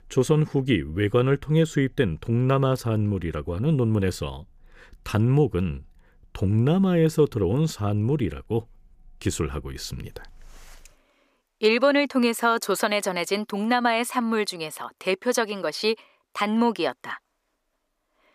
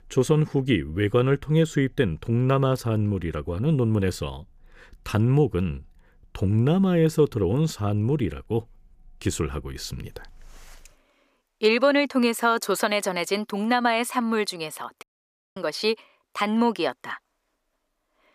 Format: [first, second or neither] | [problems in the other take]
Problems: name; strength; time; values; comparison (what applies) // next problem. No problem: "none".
first | audio cutting out; at 15 s for 0.5 s